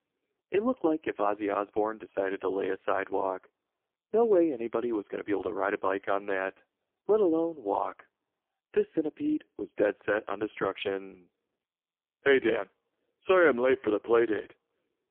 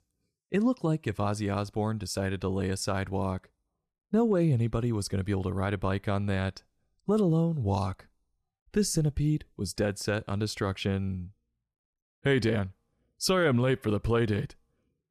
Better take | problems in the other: second | phone-call audio; poor line; nothing above 3.5 kHz

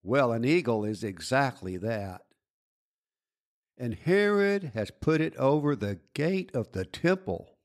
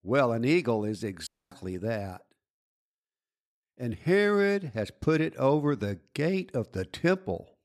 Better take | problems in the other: first | audio cutting out; at 1.5 s

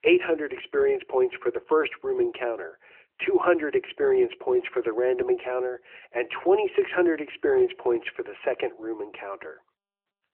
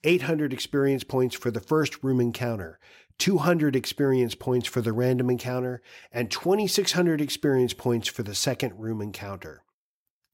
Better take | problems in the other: second | phone-call audio; nothing above 3 kHz

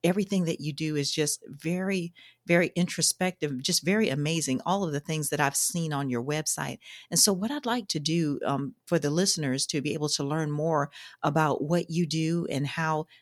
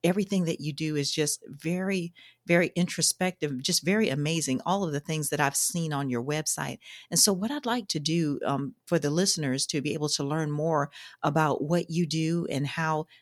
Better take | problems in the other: neither | none

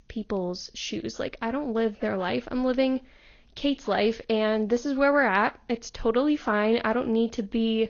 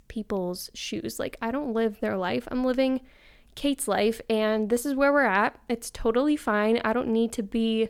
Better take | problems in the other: second | garbled, watery; slightly; nothing above 6.5 kHz

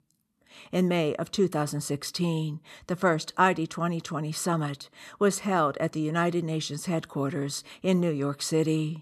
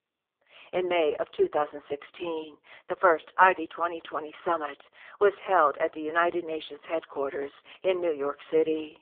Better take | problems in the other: first | phone-call audio; poor line

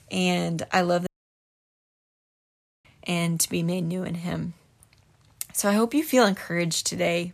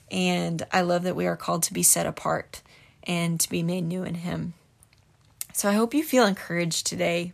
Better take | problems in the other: second | audio cutting out; at 1 s for 2 s

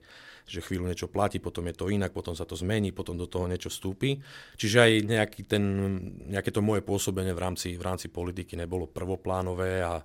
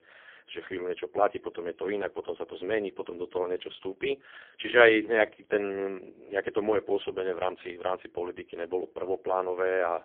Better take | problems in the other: first | phone-call audio; poor line; nothing above 3.5 kHz

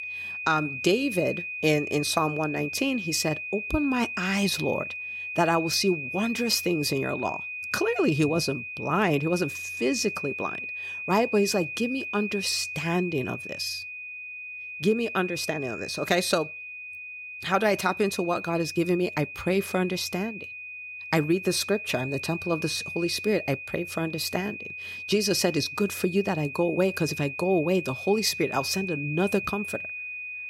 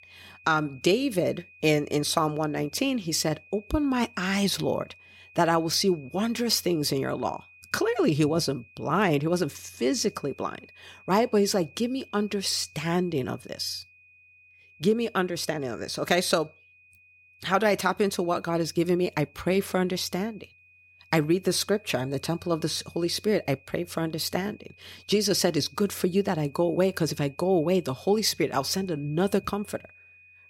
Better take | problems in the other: second | high-pitched whine; loud; throughout; 2.5 kHz, 7 dB below the speech; faint in the second

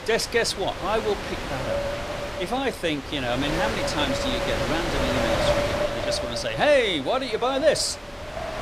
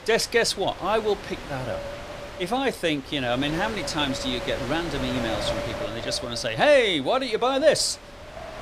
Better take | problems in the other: second | wind noise on the microphone; heavy; 3 dB below the speech; occasional gusts in the second

